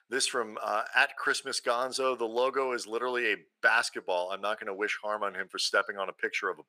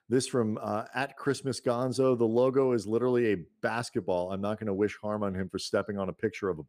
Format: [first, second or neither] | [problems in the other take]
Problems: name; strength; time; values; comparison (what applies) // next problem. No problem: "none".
second | thin; very; fading below 750 Hz